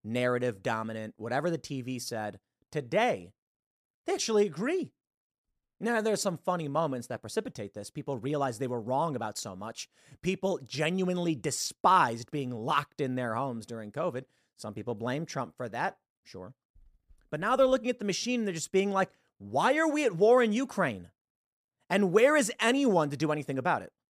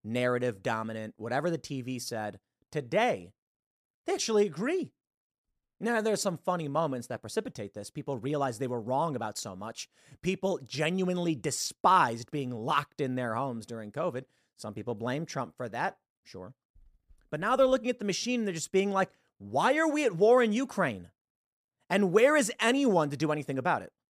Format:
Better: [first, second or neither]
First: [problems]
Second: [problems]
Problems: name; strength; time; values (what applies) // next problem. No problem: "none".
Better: neither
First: none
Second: none